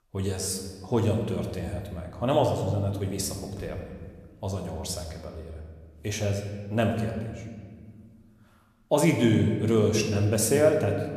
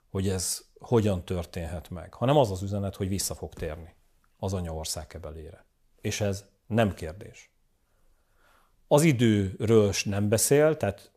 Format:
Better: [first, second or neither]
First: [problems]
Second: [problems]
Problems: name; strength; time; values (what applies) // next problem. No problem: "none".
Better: second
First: room echo; slight; dies away in 1.5 s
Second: none